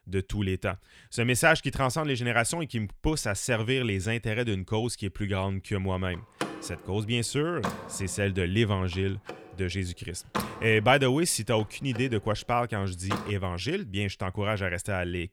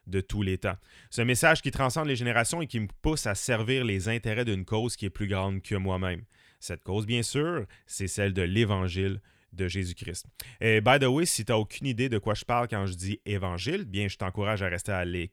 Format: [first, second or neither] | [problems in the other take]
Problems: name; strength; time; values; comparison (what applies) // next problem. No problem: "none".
second | door banging; noticeable; from 6 to 13 s; peak 6 dB below the speech